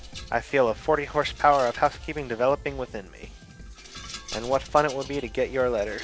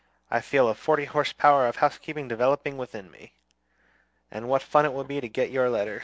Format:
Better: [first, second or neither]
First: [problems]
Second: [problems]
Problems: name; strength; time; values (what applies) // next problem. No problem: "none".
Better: second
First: background sound (Drum kit + Rattle); 15 dB below the speech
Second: none